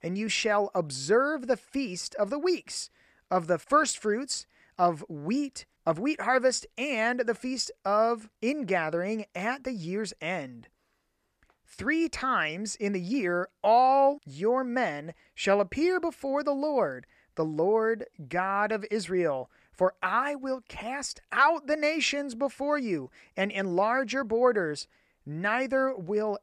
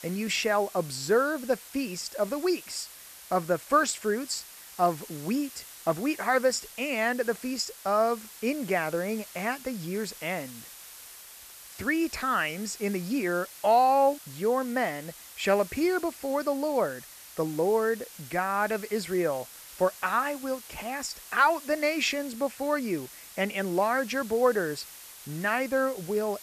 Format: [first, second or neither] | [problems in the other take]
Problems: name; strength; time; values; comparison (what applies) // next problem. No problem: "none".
first | hiss; noticeable; throughout; 15 dB below the speech